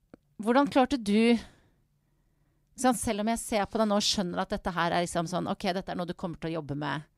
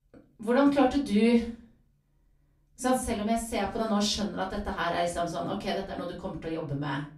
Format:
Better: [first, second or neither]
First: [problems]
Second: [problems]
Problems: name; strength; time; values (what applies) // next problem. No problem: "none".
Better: first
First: none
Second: off-mic speech; far // room echo; slight; dies away in 0.3 s